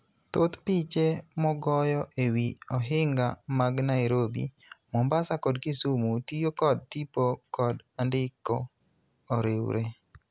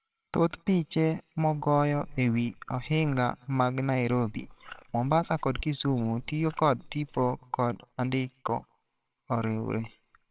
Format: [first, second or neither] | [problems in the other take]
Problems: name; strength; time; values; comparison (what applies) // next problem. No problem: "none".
first | noise reduction (neural separator model SepFormer WHAMR!)